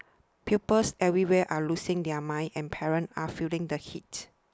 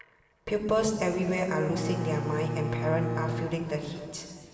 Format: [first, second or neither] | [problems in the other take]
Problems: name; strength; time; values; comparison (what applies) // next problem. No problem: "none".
first | background sound (Bowed string instrument); 4 dB below the speech // room echo; dies away in 2.8 s